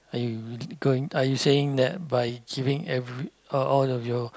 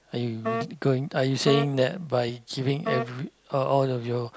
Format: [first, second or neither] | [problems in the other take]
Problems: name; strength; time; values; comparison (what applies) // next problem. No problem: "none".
first | background sound (Wind instrument, woodwind instrument); 8 dB below the speech